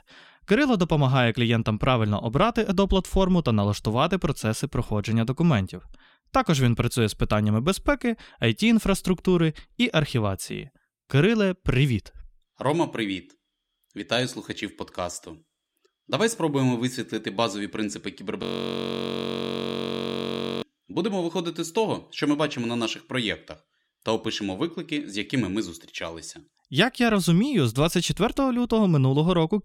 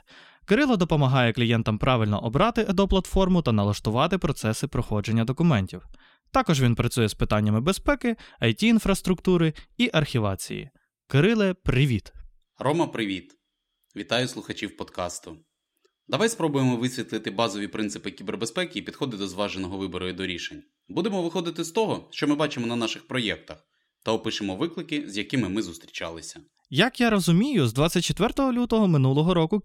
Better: second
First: audio freezing; at 18 s for 2 s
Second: none

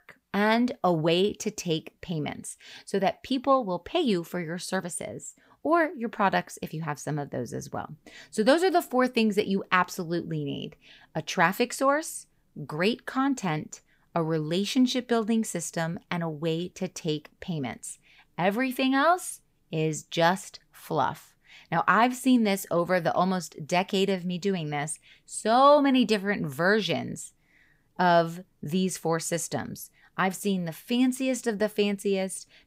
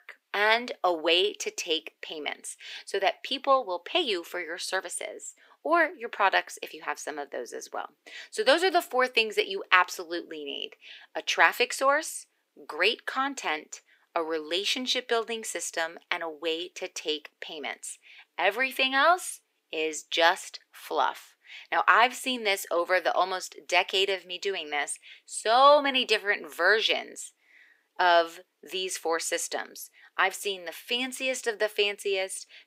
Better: first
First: none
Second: thin; very; fading below 350 Hz

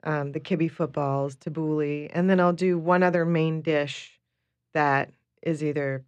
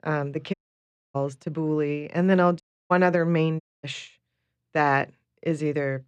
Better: first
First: none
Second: audio cutting out; at 0.5 s for 0.5 s, at 2.5 s and at 3.5 s

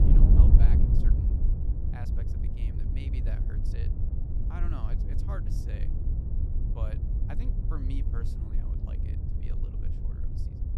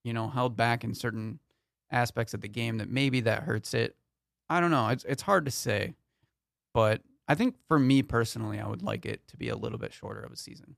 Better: second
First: wind noise on the microphone; heavy; 4 dB above the speech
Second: none

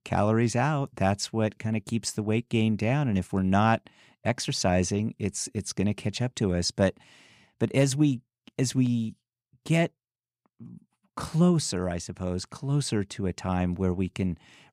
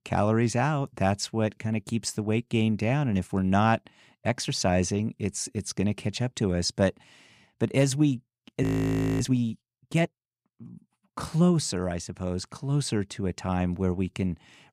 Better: first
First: none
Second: audio freezing; at 8.5 s for 0.5 s

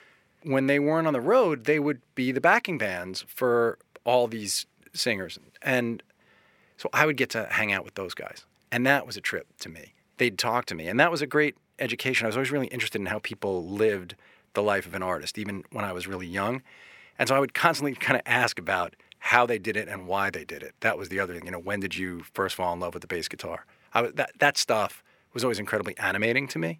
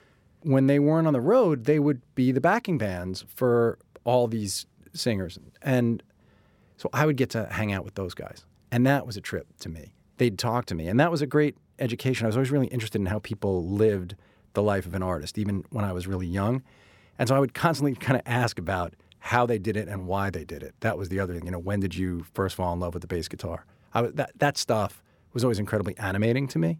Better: second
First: thin; somewhat; fading below 1 kHz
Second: none

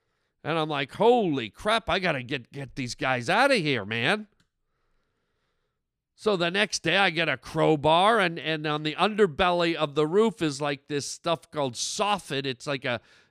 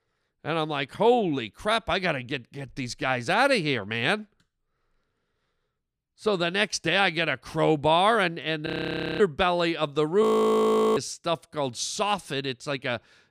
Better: first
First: none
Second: audio freezing; at 8.5 s for 0.5 s and at 10 s for 0.5 s

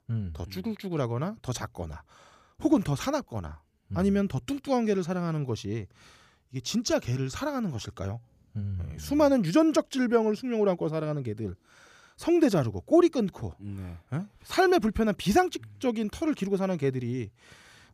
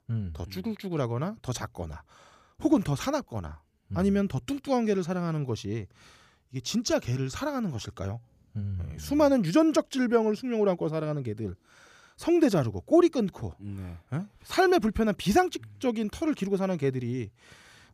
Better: neither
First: none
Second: none

